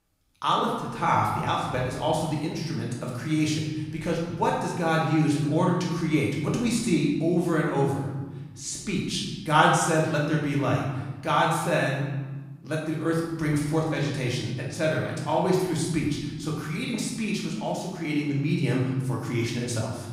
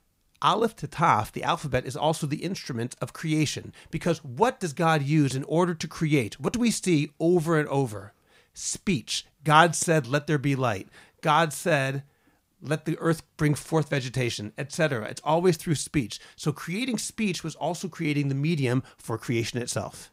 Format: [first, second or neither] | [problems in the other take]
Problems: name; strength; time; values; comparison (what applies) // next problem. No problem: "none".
second | room echo; noticeable; dies away in 1.3 s // off-mic speech; far